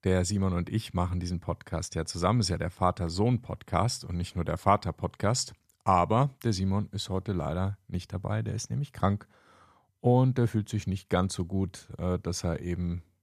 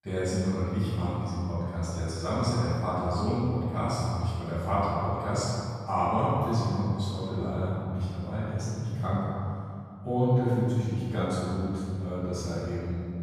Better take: first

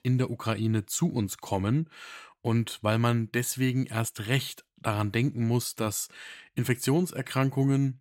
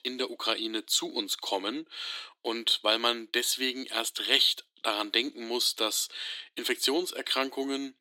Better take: first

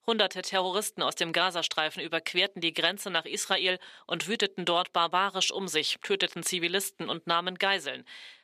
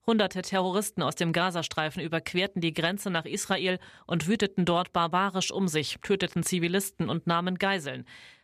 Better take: second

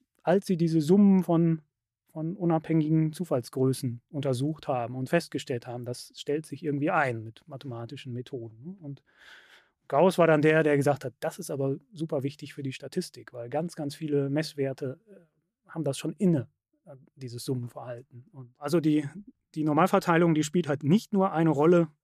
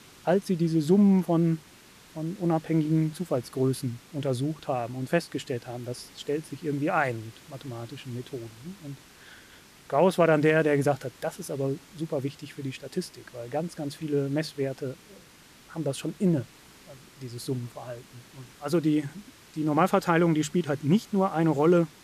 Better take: first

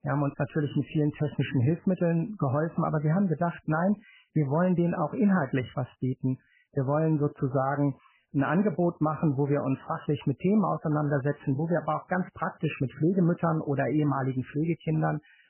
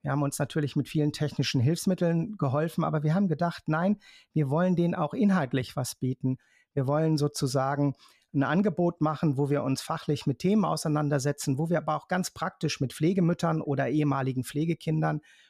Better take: second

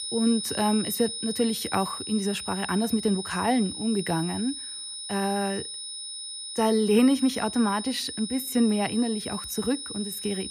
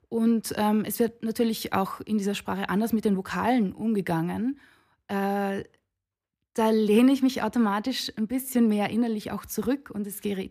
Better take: second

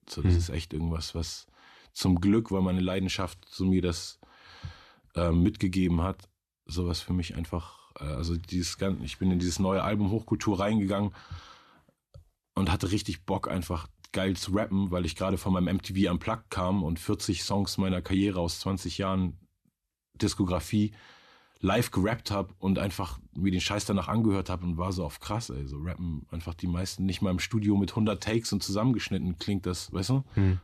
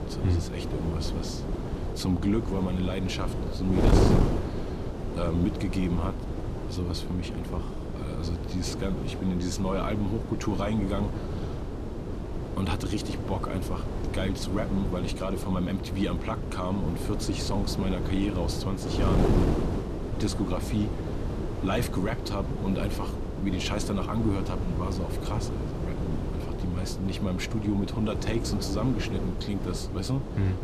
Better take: first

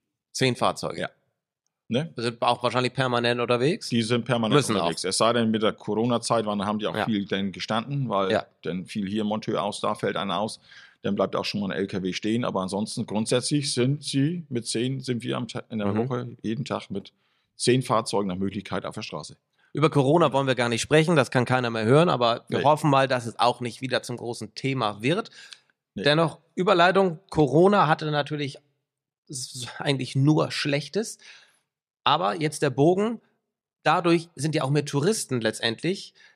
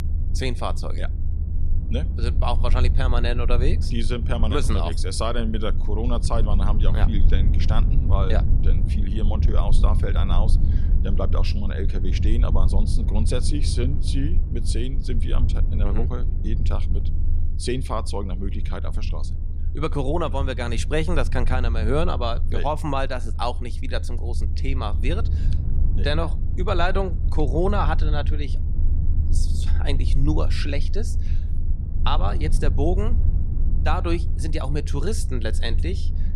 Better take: first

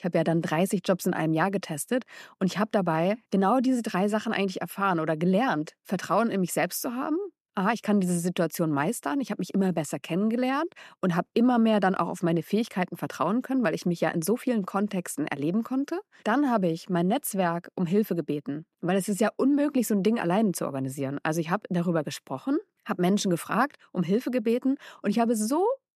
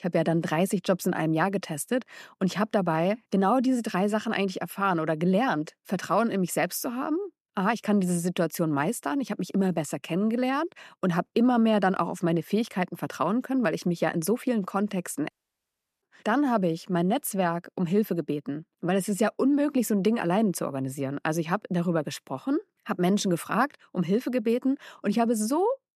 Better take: first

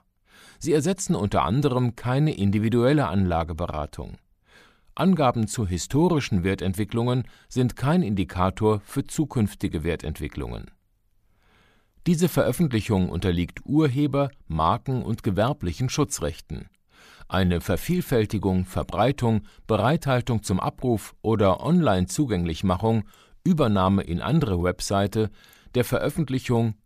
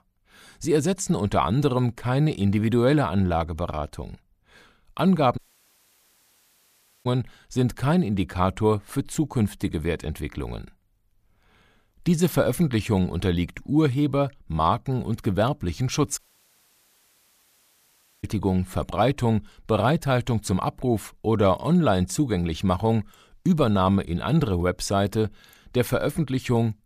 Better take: first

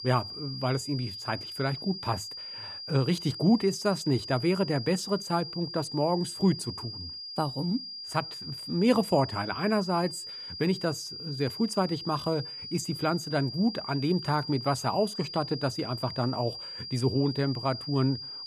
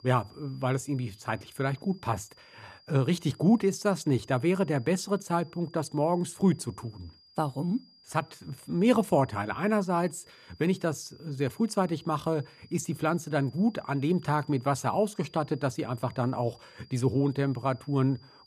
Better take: second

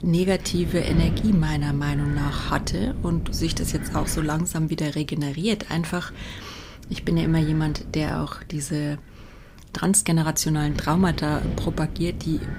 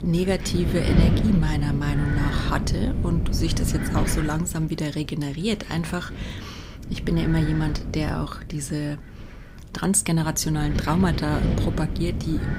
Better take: first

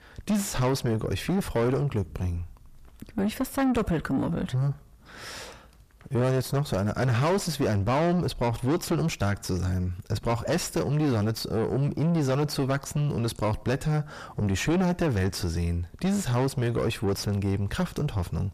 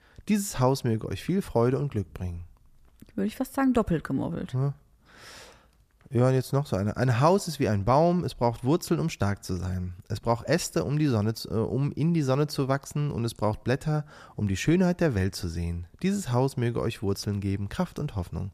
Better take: second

